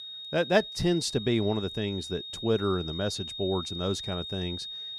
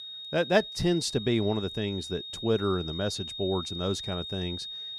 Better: neither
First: high-pitched whine; loud; throughout; 3.5 kHz, 7 dB below the speech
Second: high-pitched whine; loud; throughout; 3.5 kHz, 7 dB below the speech

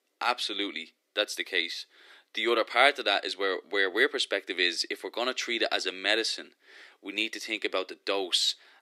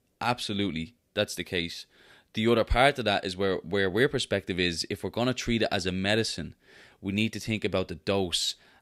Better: second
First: thin; very; fading below 300 Hz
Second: none

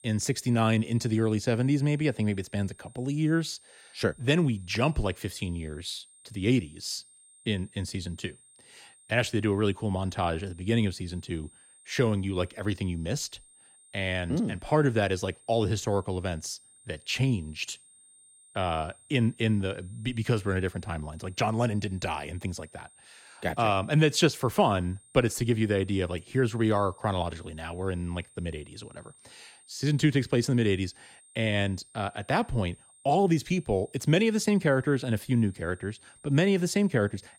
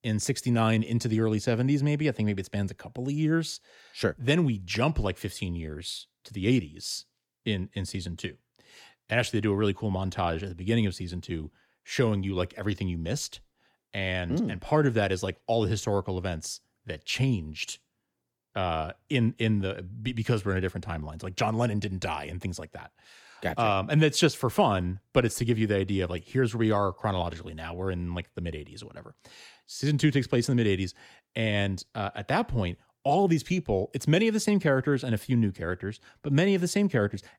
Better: second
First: high-pitched whine; faint; throughout; 8.5 kHz, 25 dB below the speech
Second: none

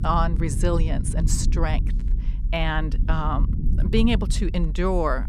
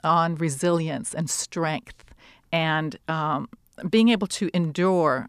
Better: second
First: low rumble; noticeable; throughout; 15 dB below the speech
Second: none

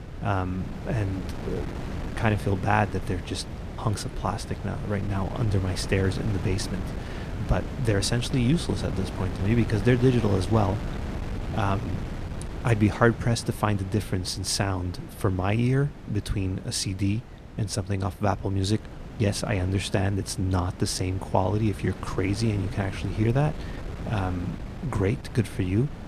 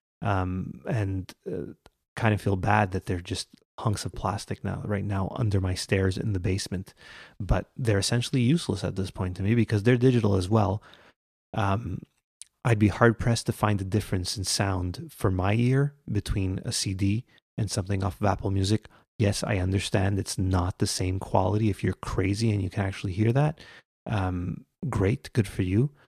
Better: second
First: wind noise on the microphone; occasional gusts; 10 dB below the speech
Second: none

